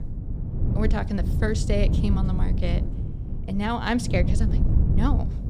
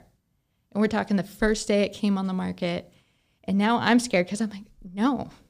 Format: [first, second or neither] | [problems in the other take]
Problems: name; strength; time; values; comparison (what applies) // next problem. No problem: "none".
second | wind noise on the microphone; heavy; 8 dB below the speech